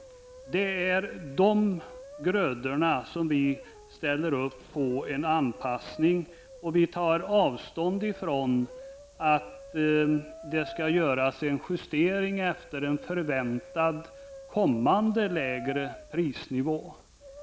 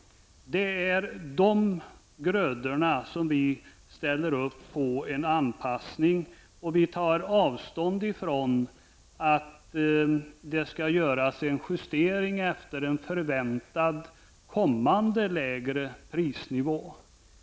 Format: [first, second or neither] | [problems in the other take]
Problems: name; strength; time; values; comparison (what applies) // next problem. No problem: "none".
second | background sound (Brass instrument); 19 dB below the speech